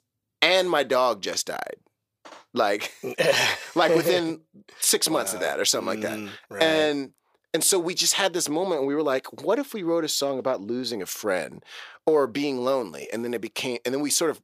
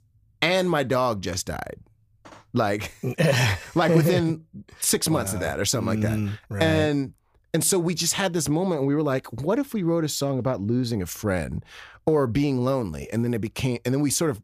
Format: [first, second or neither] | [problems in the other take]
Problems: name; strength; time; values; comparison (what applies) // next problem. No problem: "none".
second | thin; somewhat; fading below 400 Hz